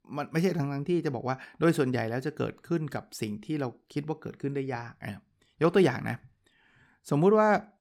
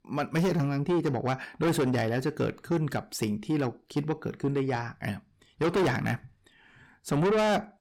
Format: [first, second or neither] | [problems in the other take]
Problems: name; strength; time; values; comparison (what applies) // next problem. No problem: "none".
first | distortion; heavy; 6 dB below the speech